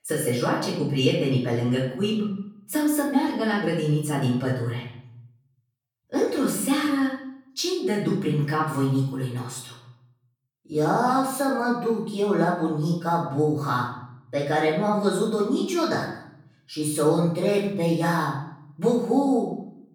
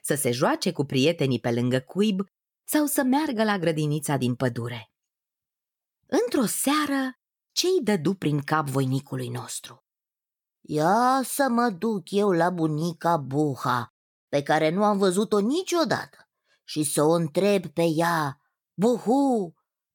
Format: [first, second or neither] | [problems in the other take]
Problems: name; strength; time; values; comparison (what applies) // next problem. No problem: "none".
second | room echo; noticeable; dies away in 0.7 s // off-mic speech; far